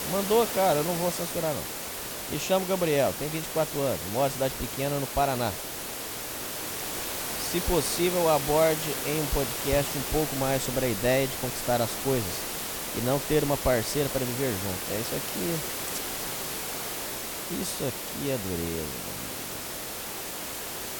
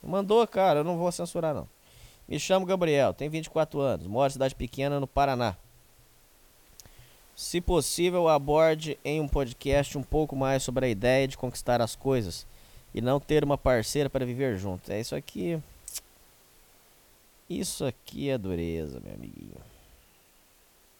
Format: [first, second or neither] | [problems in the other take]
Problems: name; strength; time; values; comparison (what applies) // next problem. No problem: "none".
second | hiss; loud; throughout; 3 dB below the speech; faint in the second